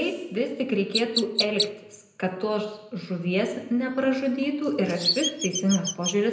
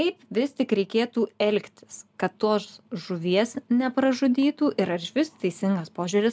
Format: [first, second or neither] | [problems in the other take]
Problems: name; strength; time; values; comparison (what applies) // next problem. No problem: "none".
second | background sound (Chirp, tweet); 7 dB below the speech // room echo; dies away in 0.7 s